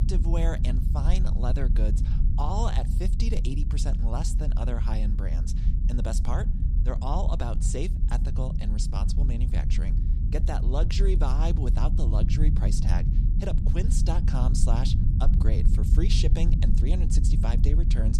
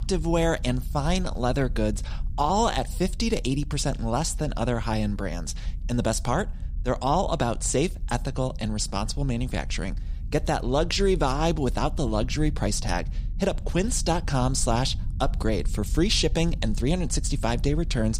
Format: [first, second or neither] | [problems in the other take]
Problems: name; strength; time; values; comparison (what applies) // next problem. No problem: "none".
second | low rumble; loud; throughout; 5 dB below the speech; faint in the second